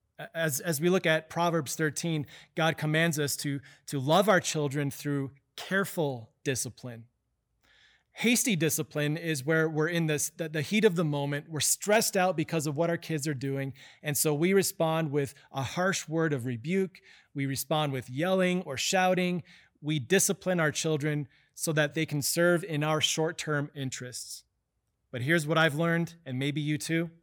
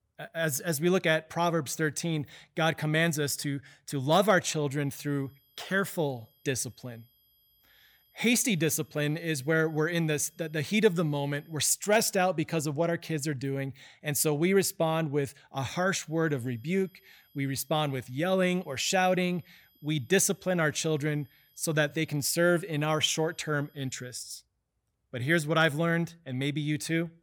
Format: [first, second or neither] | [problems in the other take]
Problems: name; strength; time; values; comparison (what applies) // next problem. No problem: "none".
first | high-pitched whine; faint; from 5 to 12 s and from 16 to 24 s; 12 kHz, 35 dB below the speech